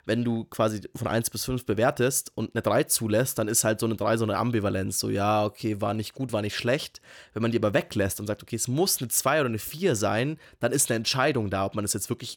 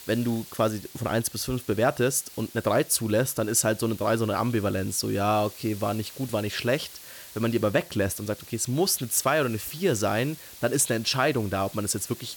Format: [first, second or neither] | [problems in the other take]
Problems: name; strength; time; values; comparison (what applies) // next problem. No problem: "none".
first | hiss; noticeable; throughout; 15 dB below the speech